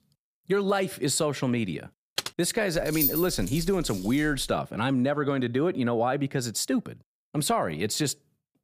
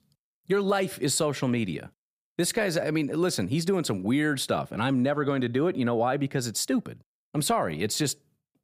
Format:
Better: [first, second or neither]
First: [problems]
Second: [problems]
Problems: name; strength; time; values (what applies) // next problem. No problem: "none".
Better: second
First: keyboard typing; noticeable; at 2 s; peak 6 dB below the speech // jangling keys; loud; from 3 to 4.5 s; peak 2 dB above the speech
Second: none